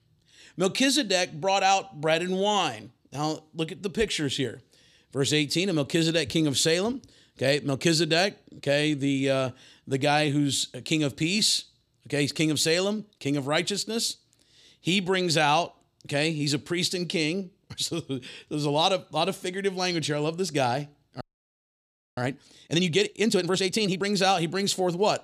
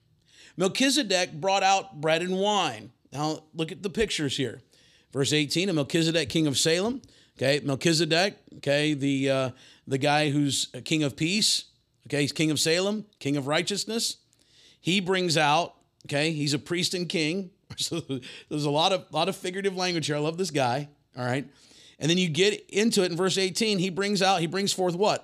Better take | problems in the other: second | audio freezing; at 21 s for 1 s

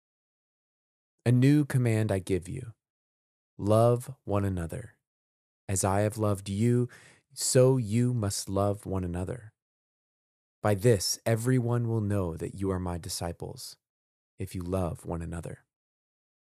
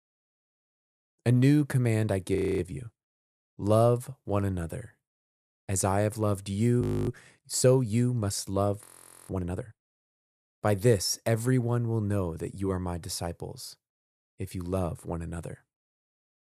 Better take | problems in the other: first | audio freezing; at 2.5 s, at 7 s and at 9 s

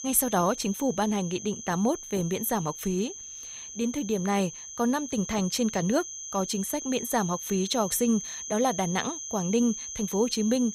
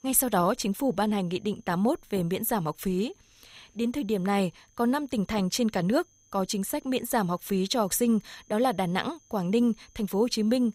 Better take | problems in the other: second | high-pitched whine; loud; throughout; 6.5 kHz, 8 dB below the speech; faint in the second

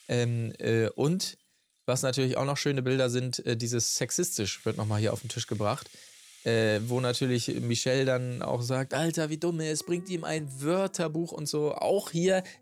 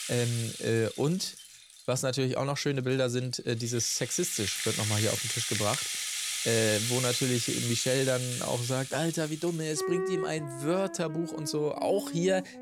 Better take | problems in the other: first | background music; loud; throughout; 3 dB below the speech; faint in the first

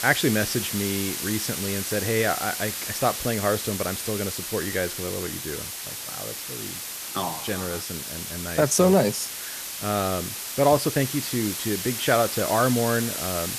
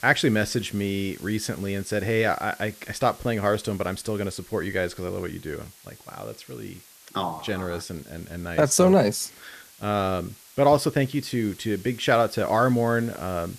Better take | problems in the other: second | hiss; loud; throughout; 4 dB below the speech; faint in the second

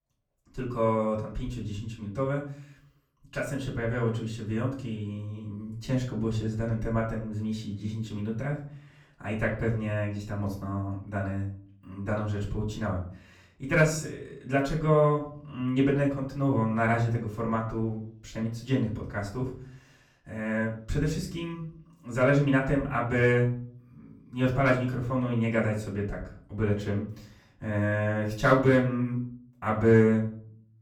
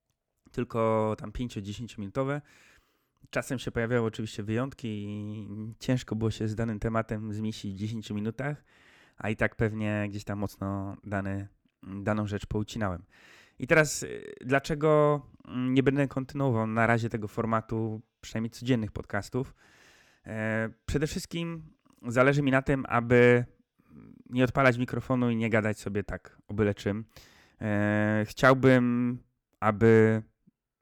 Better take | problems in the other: second | off-mic speech; far // room echo; slight; dies away in 0.4 s

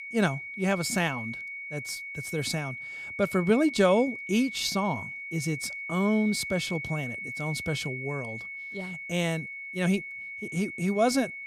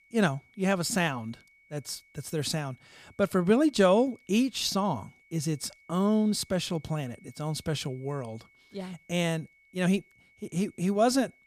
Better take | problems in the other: second | high-pitched whine; loud; throughout; 2 kHz, 7 dB below the speech; faint in the second

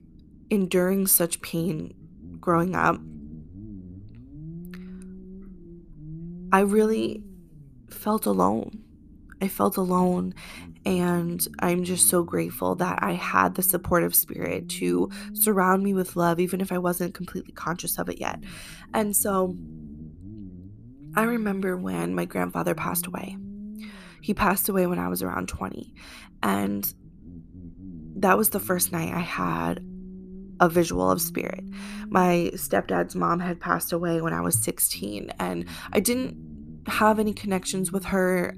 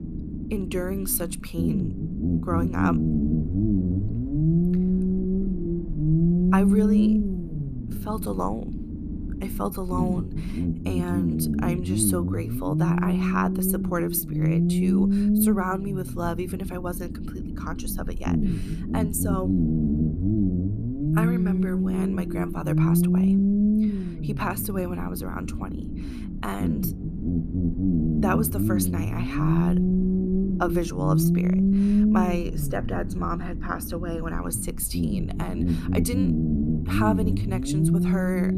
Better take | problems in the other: first | low rumble; loud; throughout; as loud as the speech; faint in the first

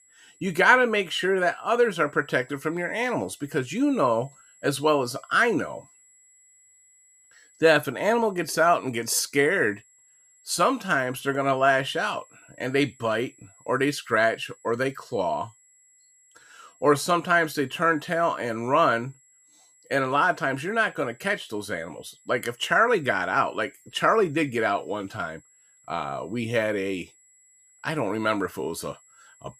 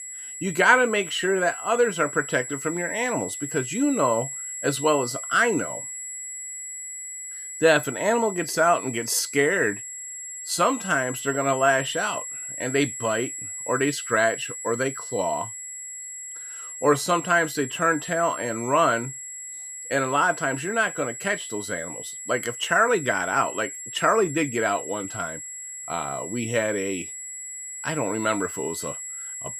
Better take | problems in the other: first | high-pitched whine; loud; throughout; 7.5 kHz, 9 dB below the speech; faint in the first

